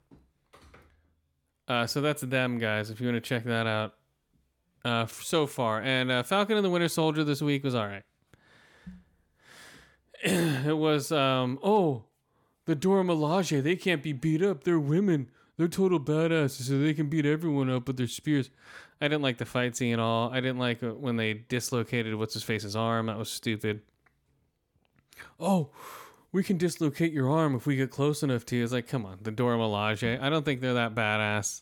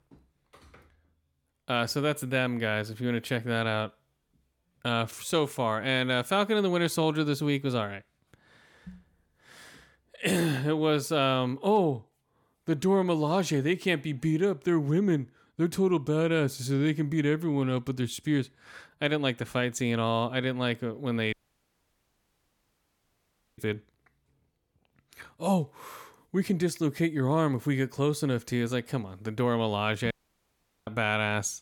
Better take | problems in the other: first | audio cutting out; at 21 s for 2.5 s and at 30 s for 1 s

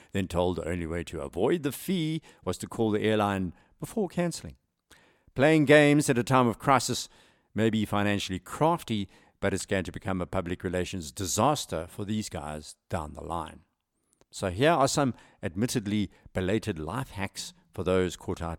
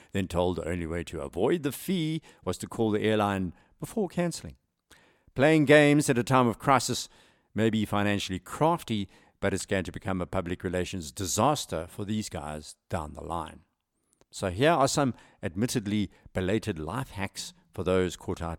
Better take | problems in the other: neither | none

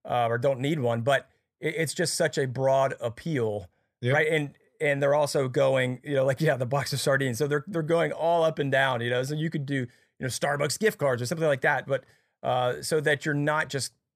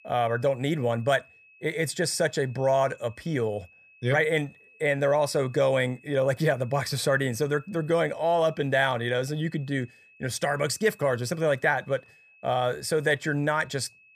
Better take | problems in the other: first | high-pitched whine; faint; throughout; 2.5 kHz, 30 dB below the speech

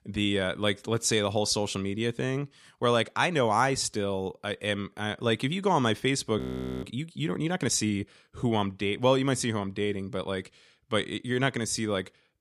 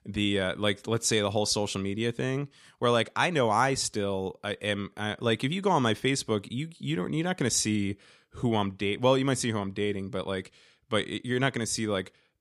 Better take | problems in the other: second | audio freezing; at 6.5 s

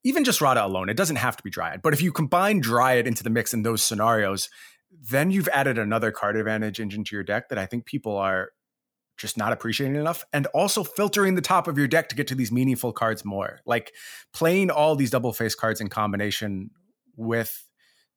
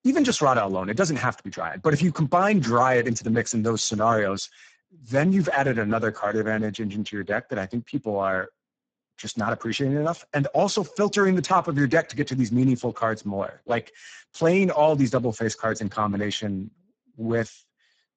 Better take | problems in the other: first | garbled, watery; badly; nothing above 7.5 kHz

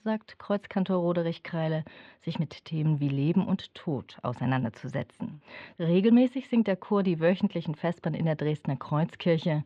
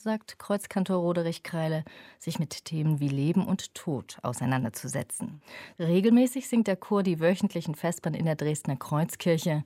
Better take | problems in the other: second | muffled; slightly; fading above 3.5 kHz

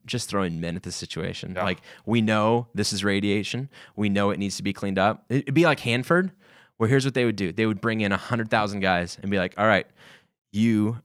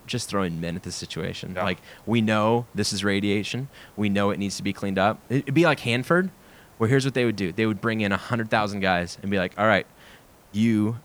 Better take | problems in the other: first | hiss; faint; throughout; 30 dB below the speech

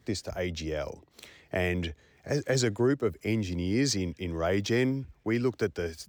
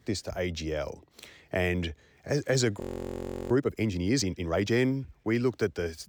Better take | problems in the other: first | audio freezing; at 3 s for 0.5 s

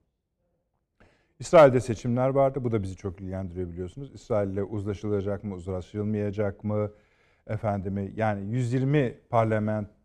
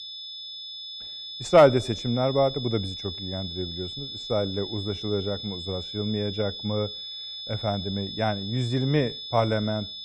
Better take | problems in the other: first | high-pitched whine; loud; throughout; 3.5 kHz, 8 dB below the speech

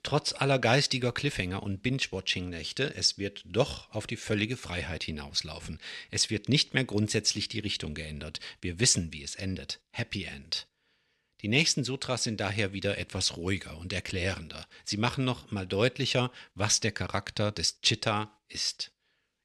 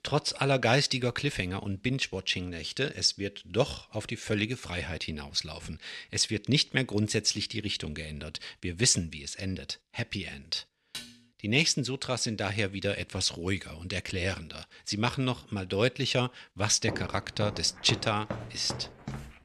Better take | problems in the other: first | clattering dishes; faint; at 11 s; peak 10 dB below the speech // footsteps; noticeable; from 17 s on; peak 9 dB below the speech

